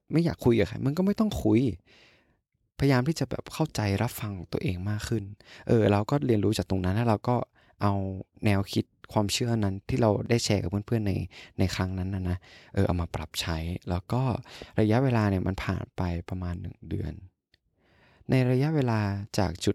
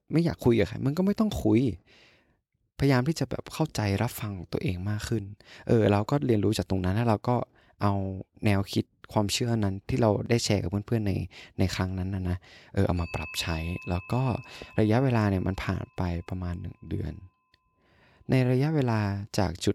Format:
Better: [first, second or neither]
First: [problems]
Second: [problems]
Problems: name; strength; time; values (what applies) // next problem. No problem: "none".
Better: first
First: none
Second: household noises; noticeable; throughout; 15 dB below the speech